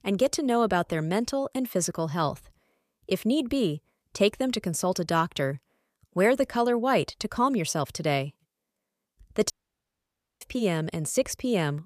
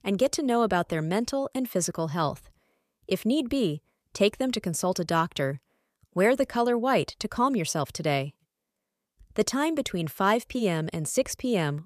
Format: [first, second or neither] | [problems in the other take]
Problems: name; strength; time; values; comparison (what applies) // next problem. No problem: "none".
second | audio cutting out; at 9.5 s for 1 s